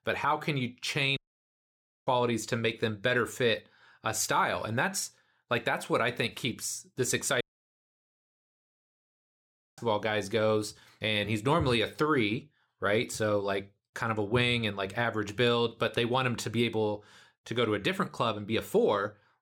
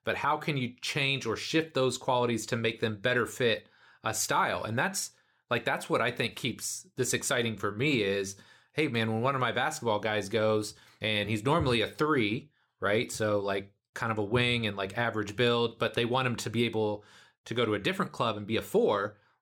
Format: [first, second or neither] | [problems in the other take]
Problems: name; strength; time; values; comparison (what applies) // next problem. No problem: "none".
second | audio cutting out; at 1 s for 1 s and at 7.5 s for 2.5 s